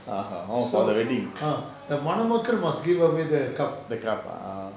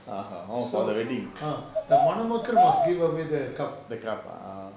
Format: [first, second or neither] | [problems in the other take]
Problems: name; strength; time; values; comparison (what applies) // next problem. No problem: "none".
first | background sound (Bird vocalization, bird call, bird song); 5 dB above the speech